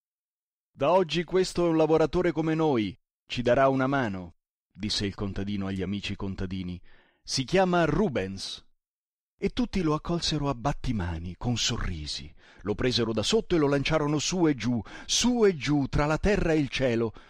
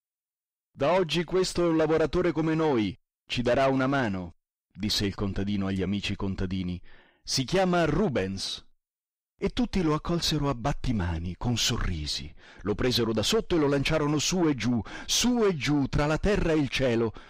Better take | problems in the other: first | distortion; slight; 10 dB below the speech

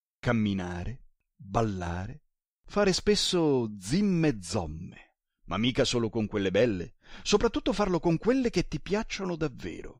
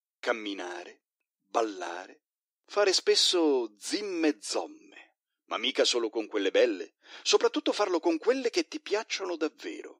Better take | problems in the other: first | thin; somewhat; fading below 300 Hz

